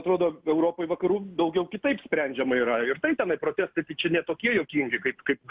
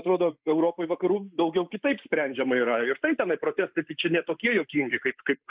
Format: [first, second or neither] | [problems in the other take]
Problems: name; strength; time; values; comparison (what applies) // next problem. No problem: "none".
first | noise reduction (neural mask model Resemble Enhance denoiser)